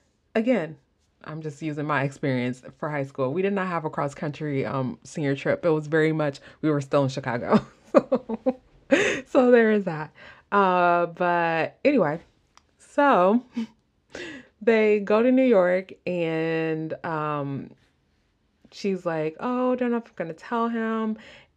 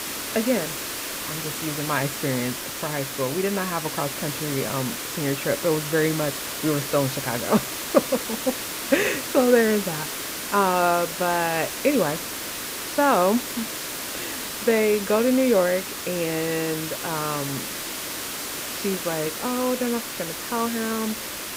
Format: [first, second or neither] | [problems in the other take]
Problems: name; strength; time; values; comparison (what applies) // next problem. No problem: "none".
first | hiss; loud; throughout; 5 dB below the speech